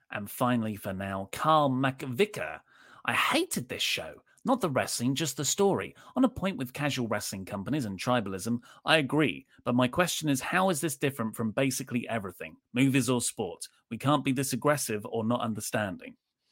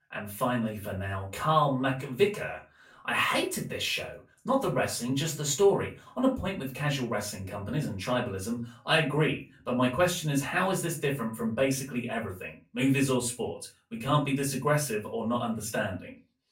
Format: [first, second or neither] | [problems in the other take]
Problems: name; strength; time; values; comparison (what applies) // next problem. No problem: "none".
first | off-mic speech; far // room echo; very slight; dies away in 0.3 s